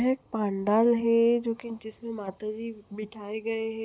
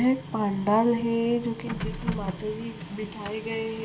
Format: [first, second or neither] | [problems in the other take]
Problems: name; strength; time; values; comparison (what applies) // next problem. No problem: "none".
first | background sound (Printer); 9 dB below the speech // room echo; dies away in 0.7 s